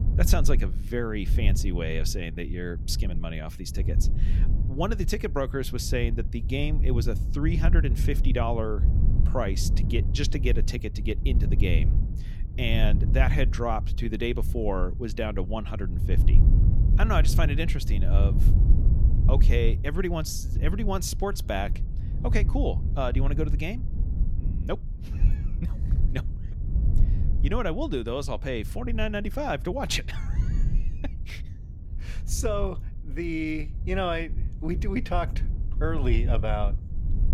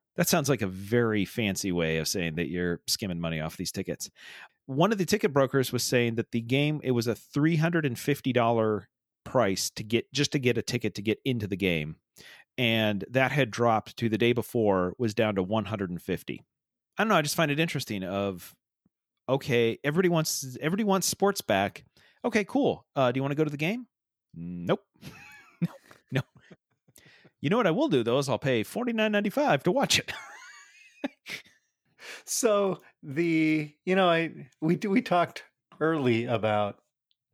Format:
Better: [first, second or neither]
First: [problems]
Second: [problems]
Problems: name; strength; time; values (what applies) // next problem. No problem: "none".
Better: second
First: low rumble; noticeable; throughout; 10 dB below the speech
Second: none